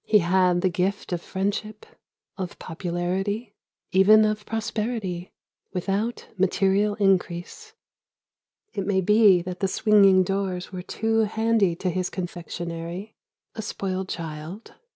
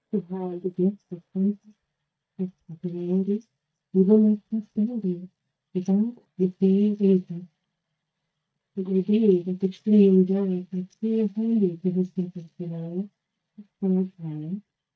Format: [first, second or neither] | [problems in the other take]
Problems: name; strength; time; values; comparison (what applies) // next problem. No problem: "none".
first | noise reduction (neural mask model DeepFilterNet 3)